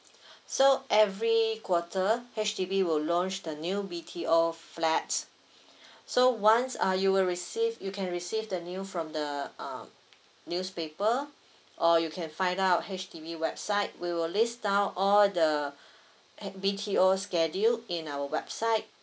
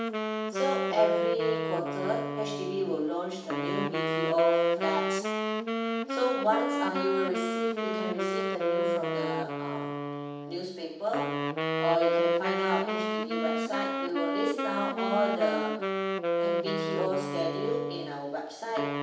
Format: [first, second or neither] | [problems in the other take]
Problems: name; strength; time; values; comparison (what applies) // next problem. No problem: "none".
first | background sound (Wind instrument, woodwind instrument); 2 dB above the speech // room echo; dies away in 0.8 s